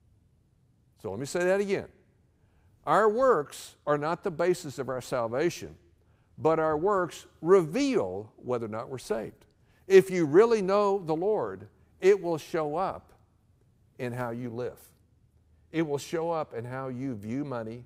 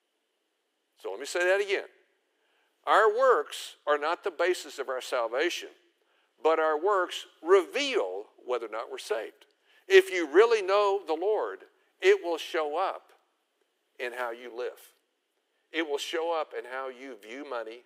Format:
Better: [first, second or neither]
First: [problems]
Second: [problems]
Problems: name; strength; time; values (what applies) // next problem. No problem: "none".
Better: first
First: none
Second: thin; very; fading below 350 Hz